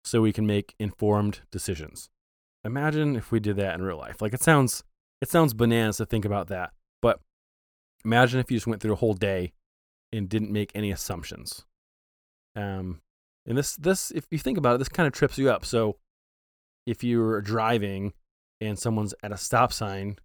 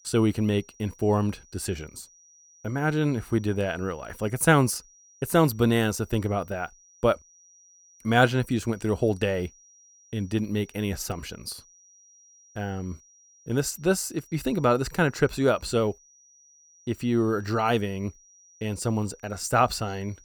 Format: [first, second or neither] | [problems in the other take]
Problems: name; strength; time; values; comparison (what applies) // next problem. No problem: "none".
first | high-pitched whine; faint; throughout; 5.5 kHz, 30 dB below the speech